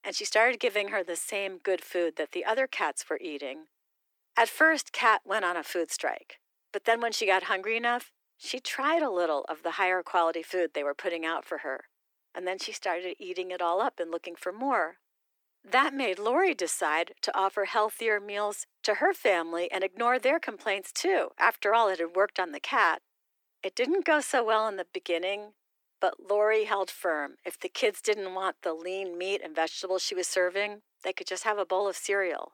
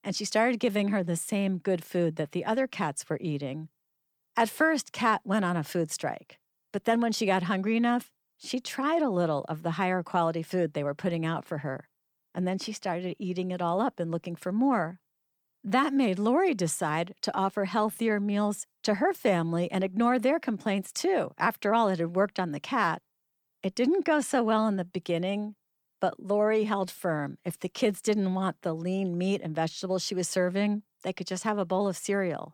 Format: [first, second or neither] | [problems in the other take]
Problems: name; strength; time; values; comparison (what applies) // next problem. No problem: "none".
second | thin; very; fading below 350 Hz